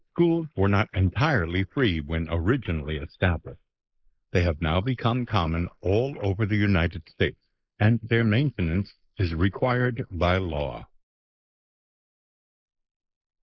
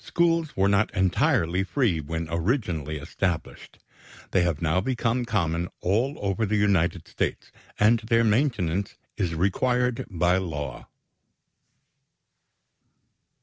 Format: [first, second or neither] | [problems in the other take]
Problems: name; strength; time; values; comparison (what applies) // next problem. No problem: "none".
second | noise reduction (neural mask model Resemble Enhance denoiser)